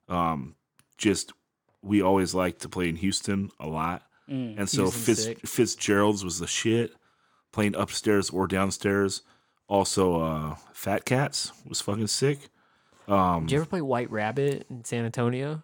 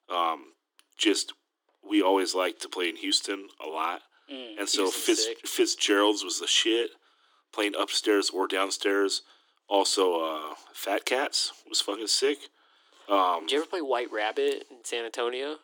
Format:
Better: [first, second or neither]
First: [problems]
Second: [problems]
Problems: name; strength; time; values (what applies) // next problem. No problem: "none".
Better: first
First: none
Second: thin; somewhat; fading below 300 Hz